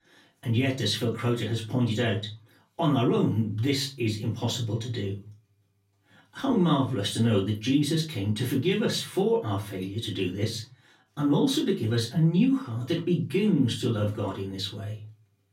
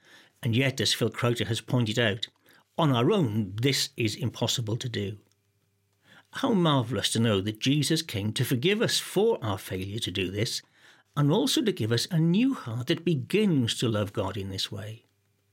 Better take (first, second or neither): second